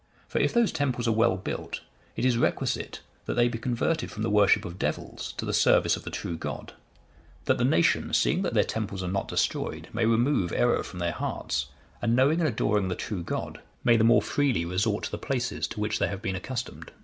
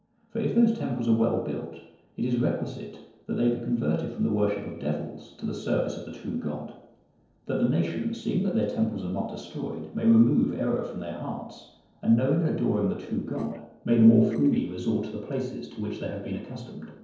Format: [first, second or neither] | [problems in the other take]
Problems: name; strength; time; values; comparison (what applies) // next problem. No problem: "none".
first | noise reduction (neural separator model SepFormer DNS4)